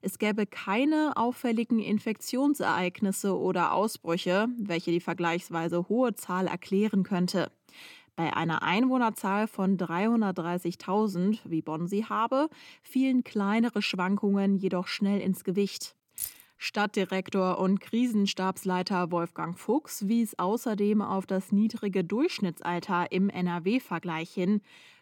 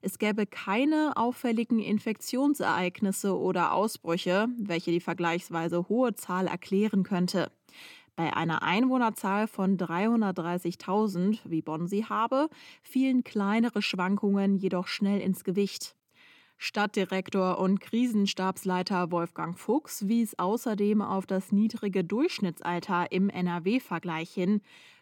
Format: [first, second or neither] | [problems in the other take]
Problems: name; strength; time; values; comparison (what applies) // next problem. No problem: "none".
second | jangling keys; noticeable; at 16 s; peak 8 dB below the speech